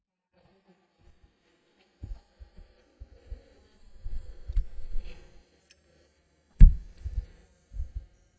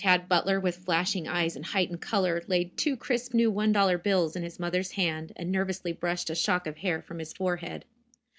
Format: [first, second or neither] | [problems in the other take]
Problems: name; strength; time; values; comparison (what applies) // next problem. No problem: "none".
second | noise reduction (neural mask model DeepFilterNet 3)